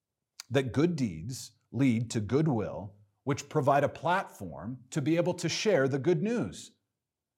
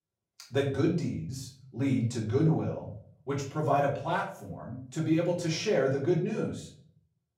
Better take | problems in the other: first | off-mic speech; far // room echo; slight; dies away in 0.4 s

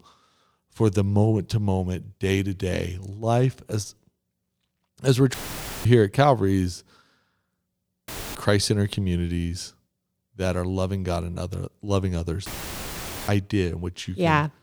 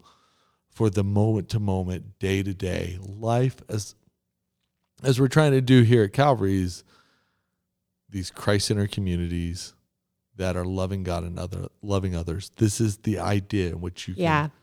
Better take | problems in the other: second | audio cutting out; filled with static; at 5.5 s for 0.5 s, at 8 s and at 12 s for 1 s

